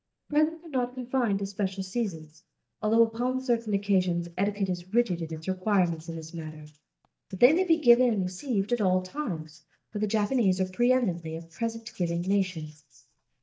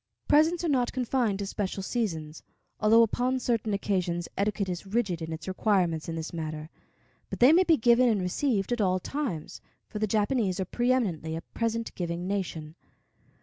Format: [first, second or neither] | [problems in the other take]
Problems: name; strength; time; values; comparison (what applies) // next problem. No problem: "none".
second | noise reduction (neural mask model DeepFilterNet 3)